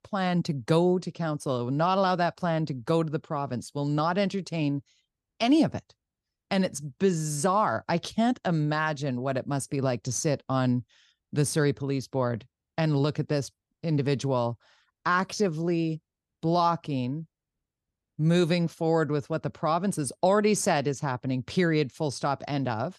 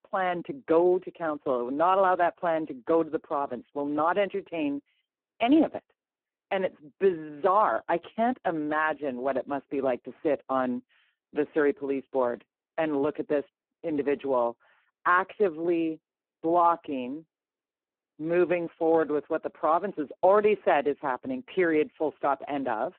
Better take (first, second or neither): first